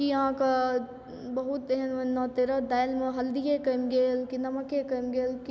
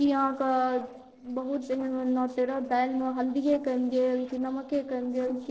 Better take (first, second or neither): first